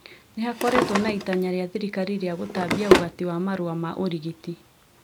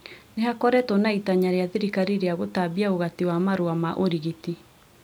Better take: second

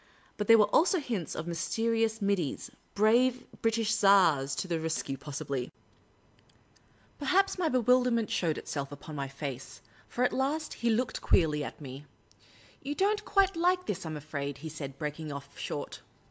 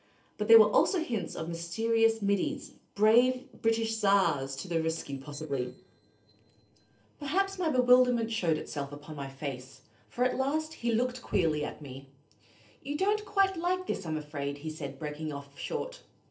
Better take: first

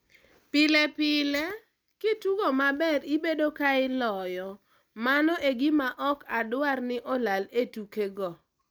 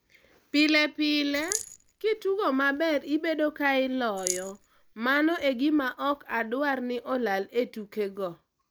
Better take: first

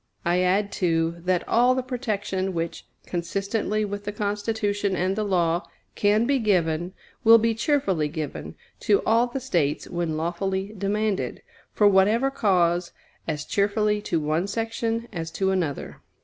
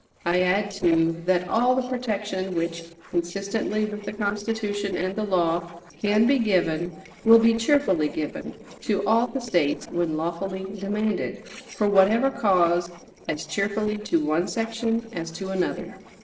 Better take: first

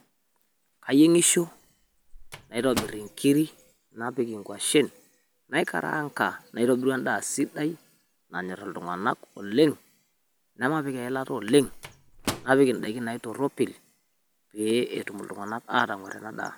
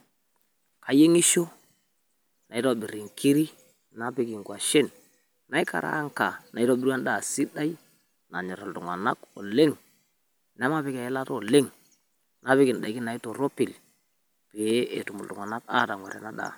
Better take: second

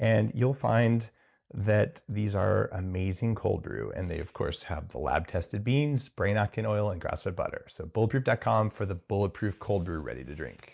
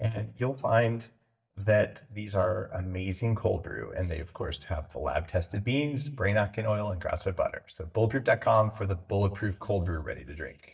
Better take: first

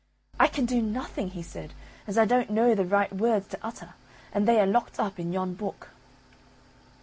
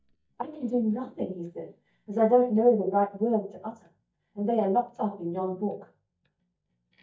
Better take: first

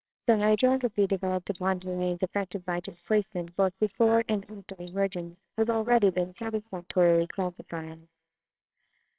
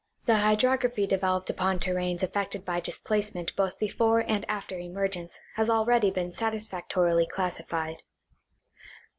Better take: second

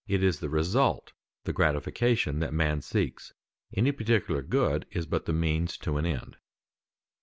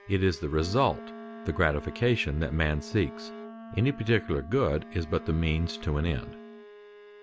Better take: first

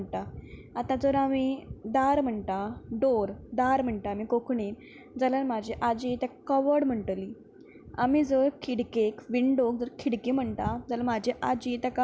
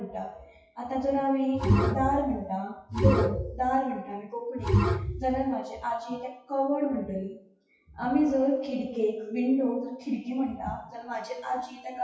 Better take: first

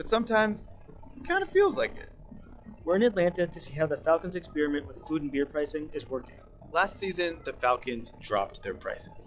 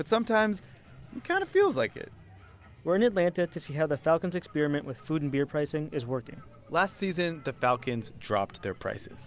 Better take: second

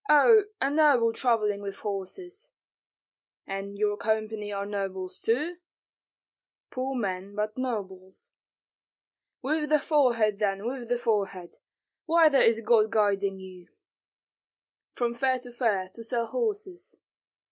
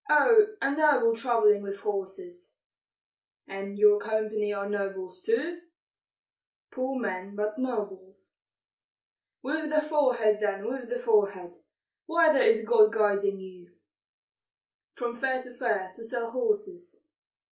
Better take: first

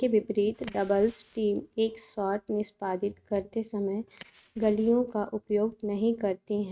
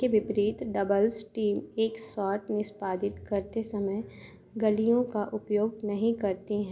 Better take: second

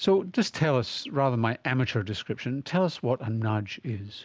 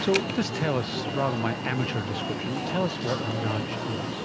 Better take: first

